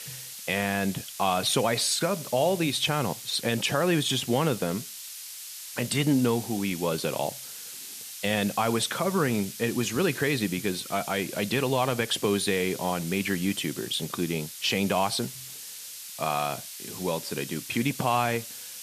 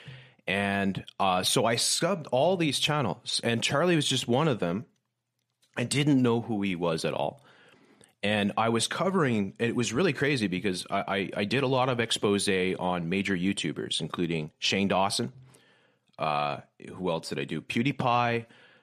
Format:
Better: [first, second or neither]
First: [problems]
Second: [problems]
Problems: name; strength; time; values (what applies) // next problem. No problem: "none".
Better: second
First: hiss; noticeable; throughout; 10 dB below the speech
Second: none